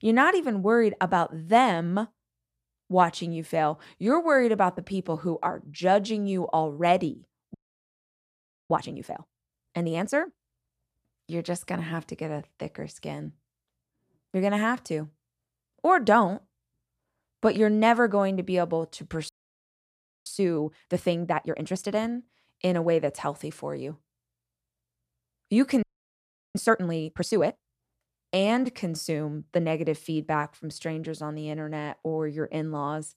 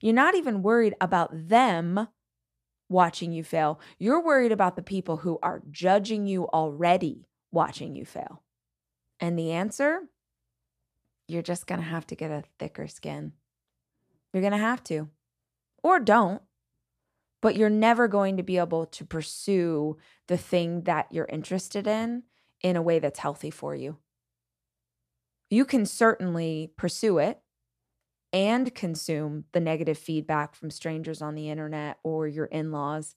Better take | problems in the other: second | audio freezing; at 7.5 s for 1 s, at 19 s for 1 s and at 26 s for 0.5 s

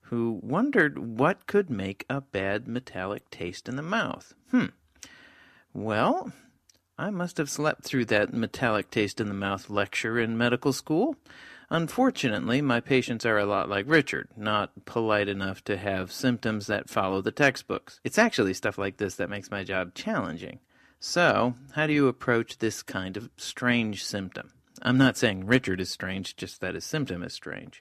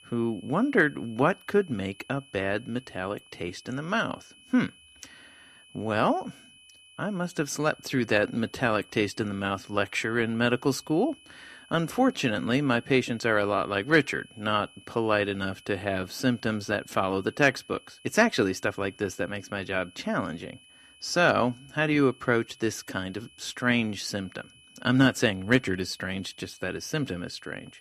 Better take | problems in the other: first | high-pitched whine; faint; throughout; 3 kHz, 25 dB below the speech

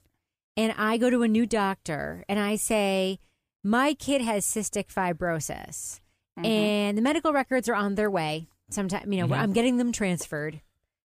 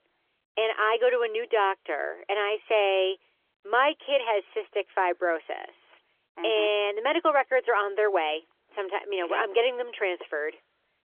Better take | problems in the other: first | phone-call audio; nothing above 3.5 kHz

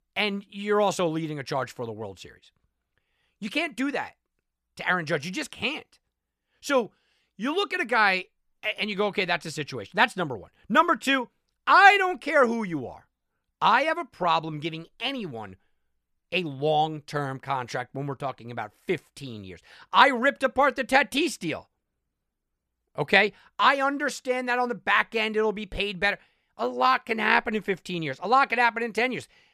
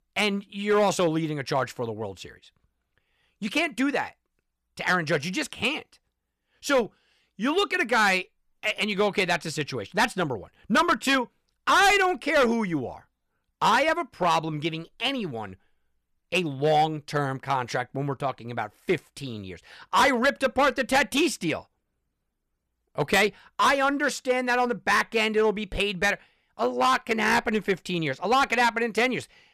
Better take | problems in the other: first | distortion; heavy; 4% of the sound clipped

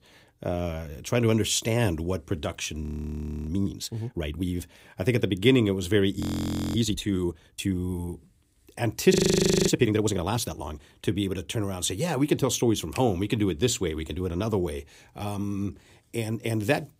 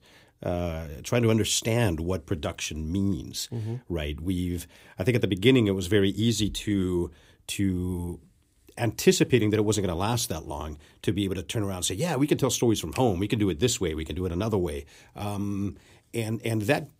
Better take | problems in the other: second | audio freezing; at 3 s for 0.5 s, at 6 s for 0.5 s and at 9 s for 0.5 s

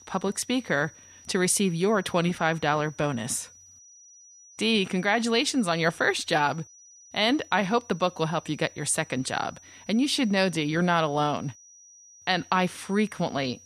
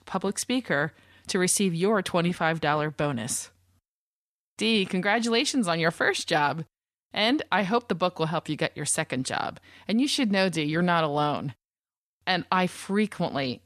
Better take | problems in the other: second | high-pitched whine; faint; throughout; 6 kHz, 25 dB below the speech

